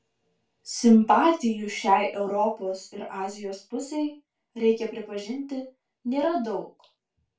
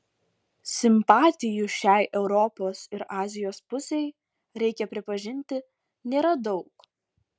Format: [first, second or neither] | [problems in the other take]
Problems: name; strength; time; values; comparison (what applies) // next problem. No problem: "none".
second | room echo; dies away in 0.2 s